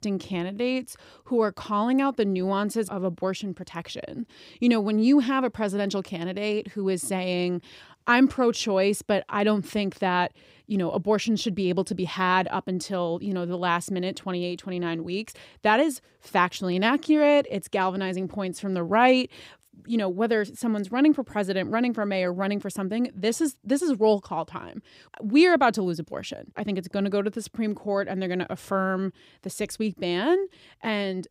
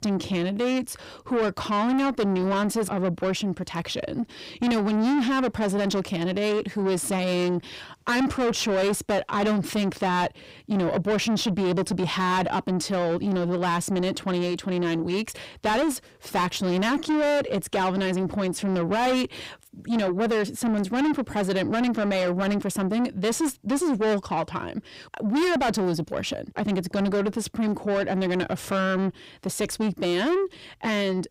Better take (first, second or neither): first